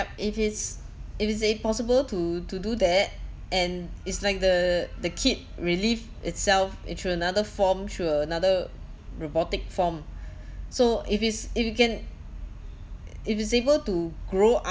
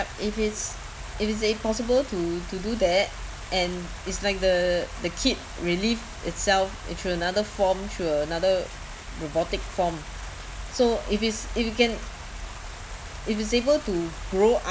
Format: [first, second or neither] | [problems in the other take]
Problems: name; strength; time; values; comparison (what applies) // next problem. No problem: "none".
first | background sound (Stream); 16 dB below the speech